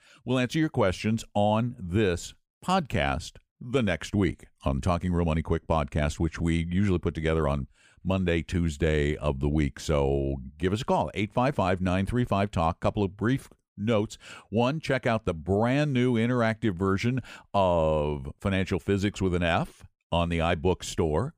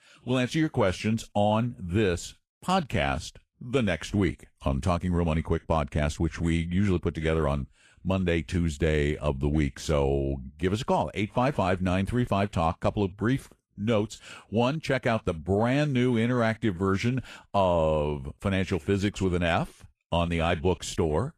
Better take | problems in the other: first | garbled, watery; slightly; nothing above 12.5 kHz

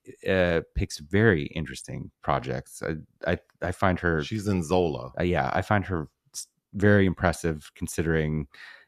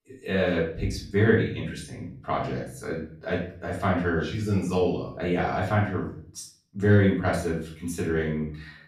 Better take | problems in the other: first | room echo; noticeable; dies away in 0.4 s // off-mic speech; far

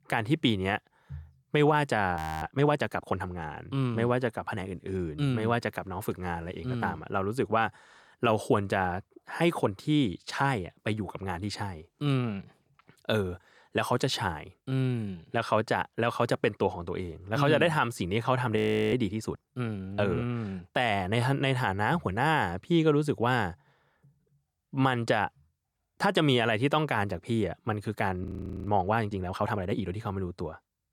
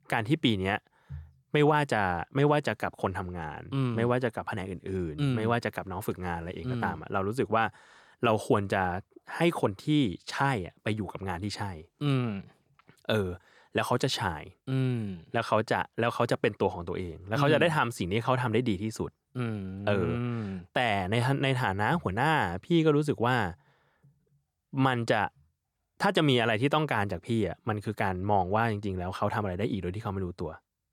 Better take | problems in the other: second | audio freezing; at 2 s, at 19 s and at 28 s

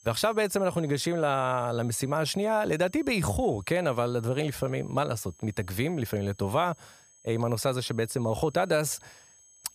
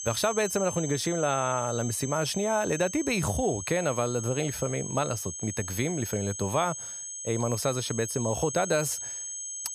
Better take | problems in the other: first | high-pitched whine; loud; throughout; 6.5 kHz, 6 dB below the speech; faint in the first

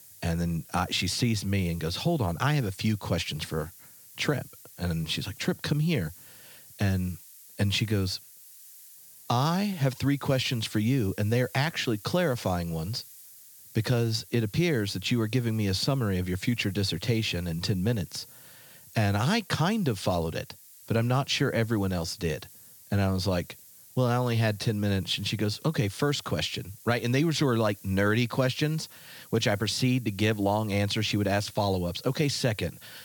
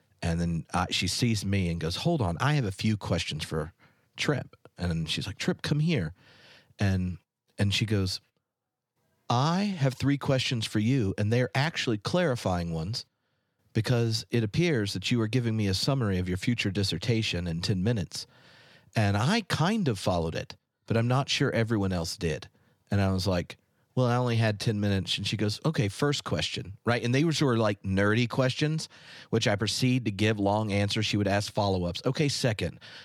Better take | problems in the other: second | hiss; noticeable; throughout; 20 dB below the speech

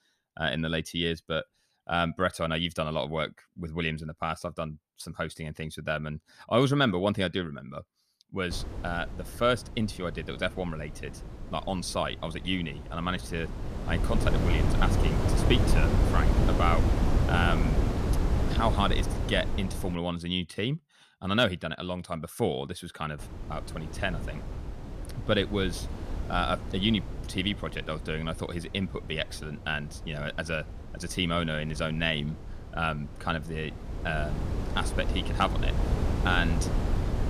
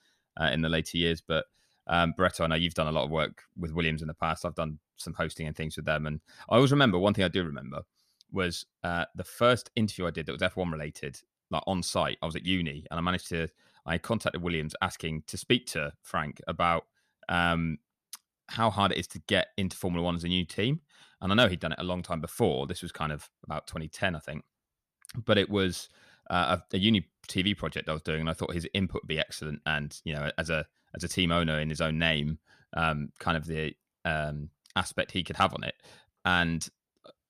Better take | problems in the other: second | wind noise on the microphone; heavy; from 8.5 to 20 s and from 23 s on; 6 dB below the speech

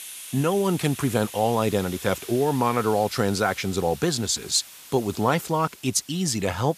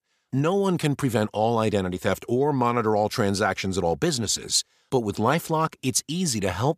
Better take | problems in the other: second | hiss; noticeable; throughout; 15 dB below the speech

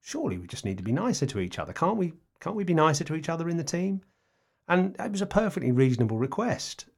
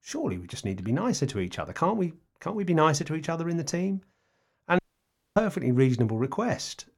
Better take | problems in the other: first | audio cutting out; at 5 s for 0.5 s

